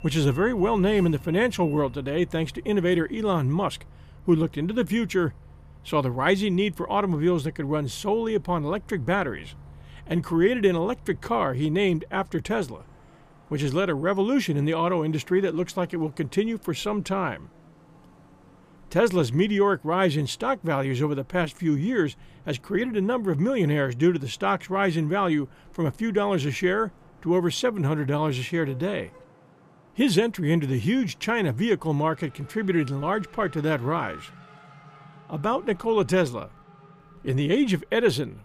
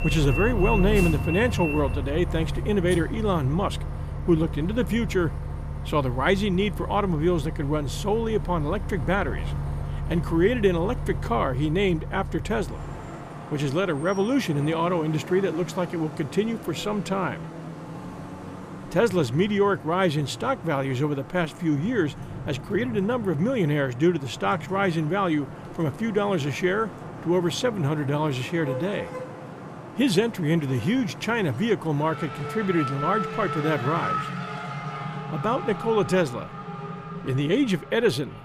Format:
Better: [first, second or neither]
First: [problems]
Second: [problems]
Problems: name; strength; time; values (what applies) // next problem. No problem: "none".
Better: first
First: traffic noise; faint; throughout; 25 dB below the speech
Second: traffic noise; loud; throughout; 8 dB below the speech